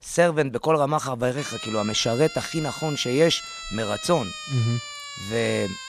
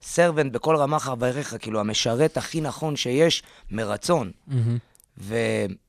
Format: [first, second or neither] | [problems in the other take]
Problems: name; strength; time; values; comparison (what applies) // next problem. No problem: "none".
second | siren; noticeable; from 1.5 s on; peak 9 dB below the speech